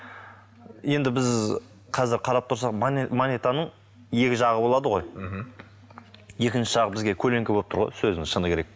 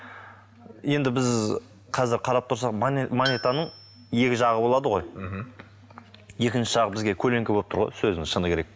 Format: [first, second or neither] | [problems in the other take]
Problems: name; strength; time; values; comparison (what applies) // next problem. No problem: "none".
first | background sound (Tools); 14 dB below the speech